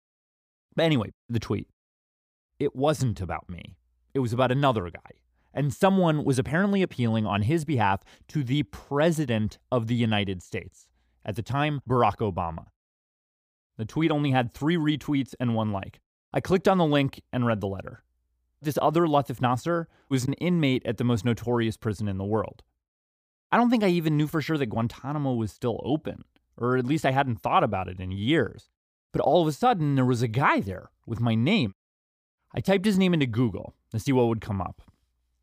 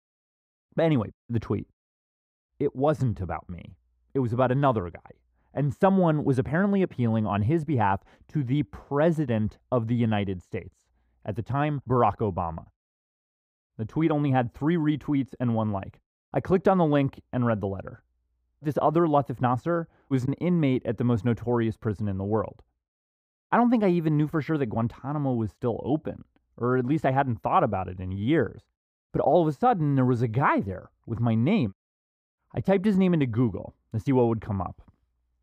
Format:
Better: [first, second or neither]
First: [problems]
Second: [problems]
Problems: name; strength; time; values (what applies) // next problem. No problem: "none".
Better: first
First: none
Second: muffled; slightly; fading above 2.5 kHz